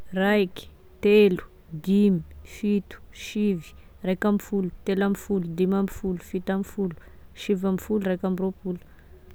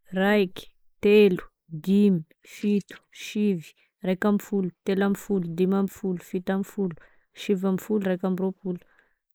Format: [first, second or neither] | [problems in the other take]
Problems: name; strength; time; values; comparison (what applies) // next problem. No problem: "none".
first | noise reduction (neural mask model Resemble Enhance denoiser)